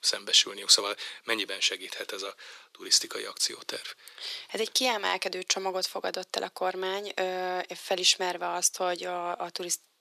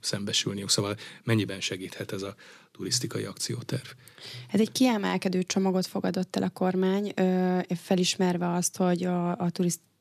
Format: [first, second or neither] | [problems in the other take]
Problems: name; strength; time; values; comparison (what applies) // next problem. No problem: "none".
second | thin; very; fading below 500 Hz